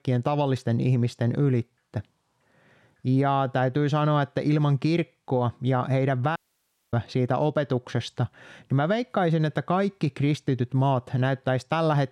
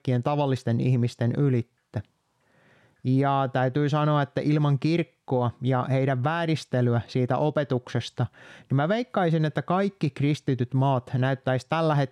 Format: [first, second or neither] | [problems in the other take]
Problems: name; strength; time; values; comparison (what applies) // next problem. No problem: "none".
second | audio cutting out; at 6.5 s for 0.5 s